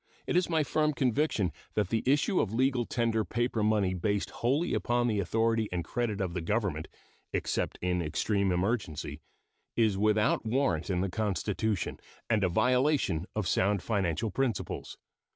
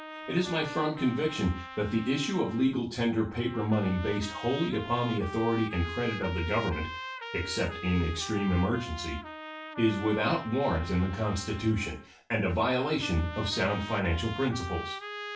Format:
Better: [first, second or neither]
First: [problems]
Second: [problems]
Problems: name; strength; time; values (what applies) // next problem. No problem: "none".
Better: first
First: none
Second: background sound (Trumpet); 12 dB below the speech // room echo; dies away in 0.3 s